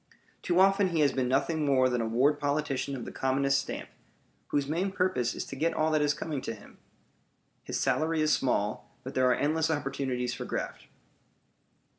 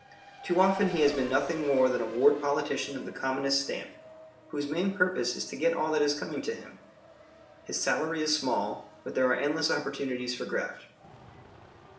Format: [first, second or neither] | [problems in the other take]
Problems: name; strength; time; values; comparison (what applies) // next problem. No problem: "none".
first | background sound (Race car, auto racing); 18 dB below the speech // room echo; dies away in 0.6 s